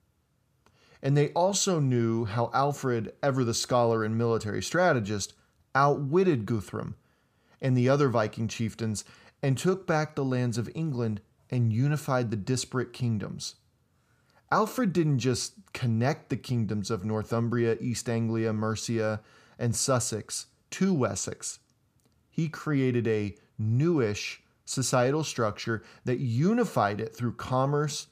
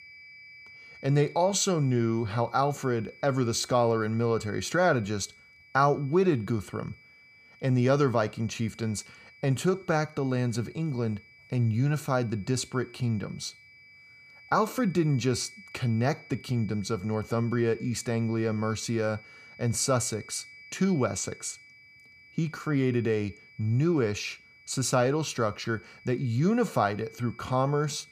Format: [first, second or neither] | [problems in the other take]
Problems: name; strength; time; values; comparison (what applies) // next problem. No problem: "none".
first | high-pitched whine; faint; throughout; 2.5 kHz, 20 dB below the speech